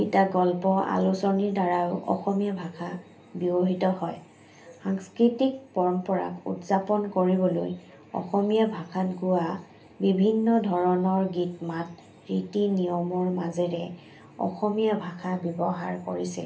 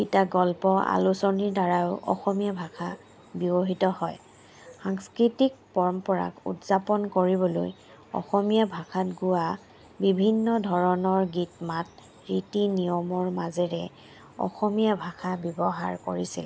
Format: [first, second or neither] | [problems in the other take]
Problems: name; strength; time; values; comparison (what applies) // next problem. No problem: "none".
second | room echo; dies away in 0.3 s